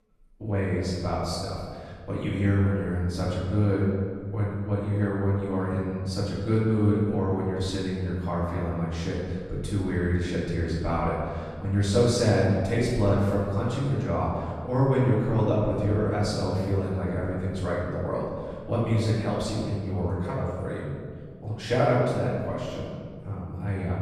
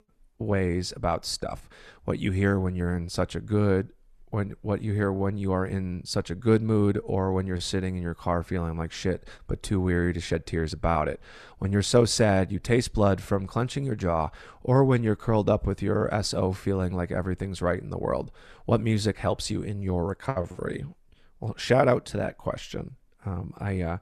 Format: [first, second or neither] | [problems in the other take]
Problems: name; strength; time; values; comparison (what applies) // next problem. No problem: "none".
second | off-mic speech; far // room echo; strong; dies away in 1.8 s